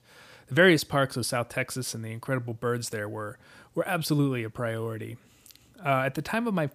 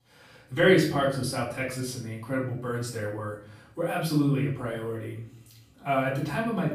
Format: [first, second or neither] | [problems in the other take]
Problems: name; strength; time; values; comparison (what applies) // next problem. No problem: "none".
first | room echo; noticeable; dies away in 0.6 s // off-mic speech; far